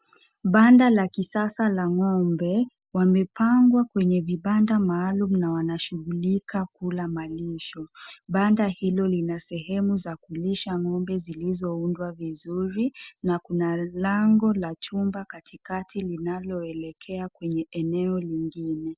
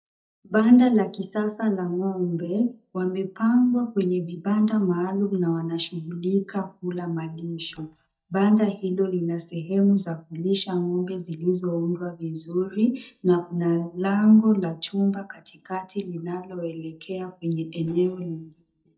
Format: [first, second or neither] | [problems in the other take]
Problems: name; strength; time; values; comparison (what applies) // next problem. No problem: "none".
first | noise reduction (neural mask model DeepFilterNet 3)